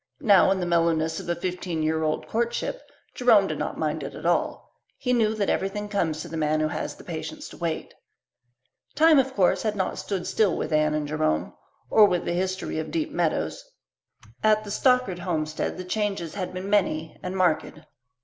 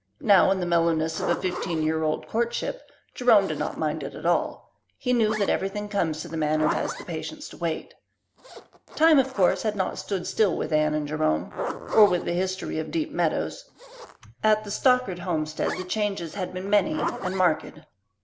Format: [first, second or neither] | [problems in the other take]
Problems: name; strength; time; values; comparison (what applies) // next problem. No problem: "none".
first | background sound (Zipper (clothing)); 13 dB below the speech